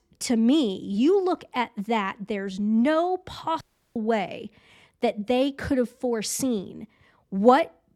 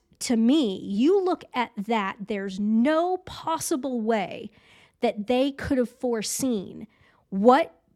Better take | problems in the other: second | audio cutting out; at 3.5 s

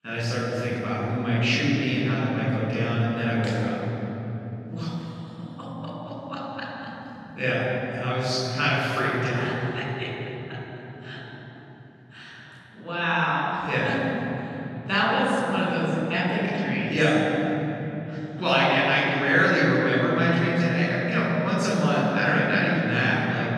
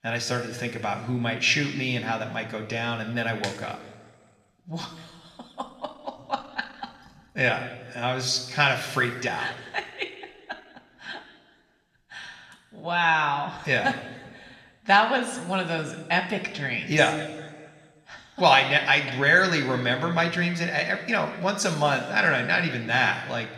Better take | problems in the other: second | room echo; strong; dies away in 3 s; slight in the second // off-mic speech; far; somewhat distant in the second

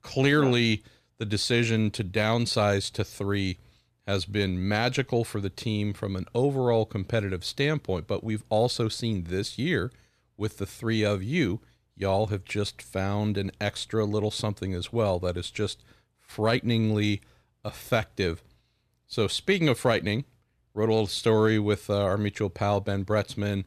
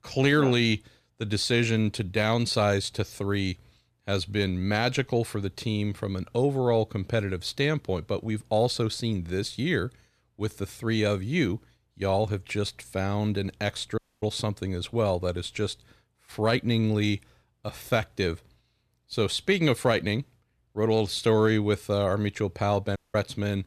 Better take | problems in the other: first | audio cutting out; at 14 s and at 23 s

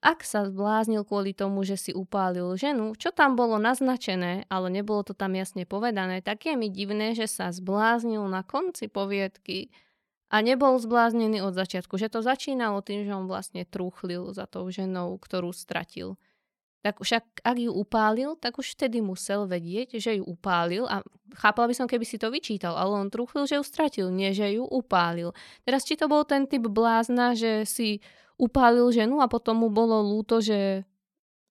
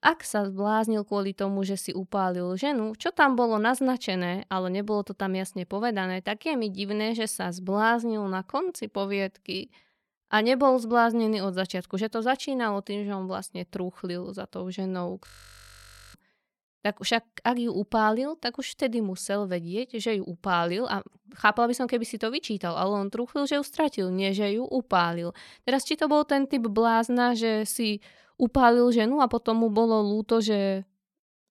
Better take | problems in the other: first | audio freezing; at 15 s for 1 s

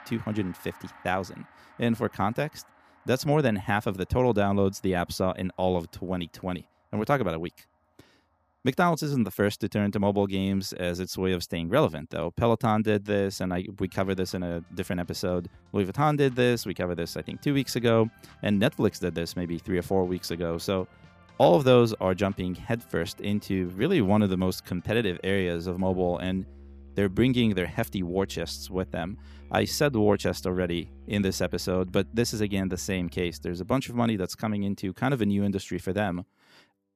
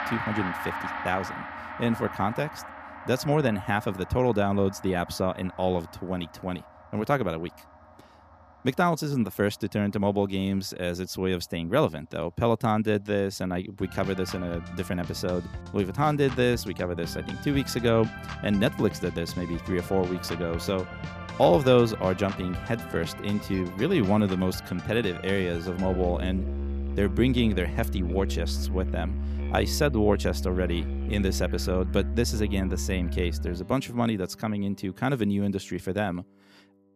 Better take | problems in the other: first | background music; loud; throughout; 8 dB below the speech; faint in the first

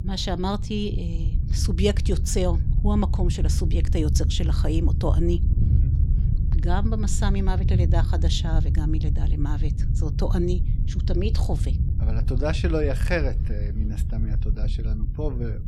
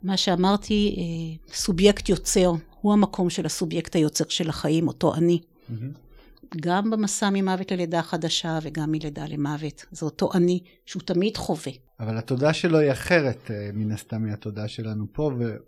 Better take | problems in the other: second | low rumble; loud; throughout; 9 dB below the speech

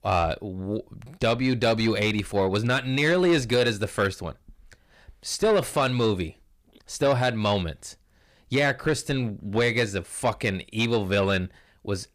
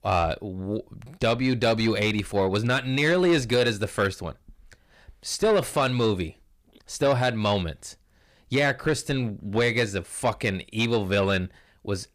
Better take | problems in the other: neither | distortion; slight; 10 dB below the speech; the same in both

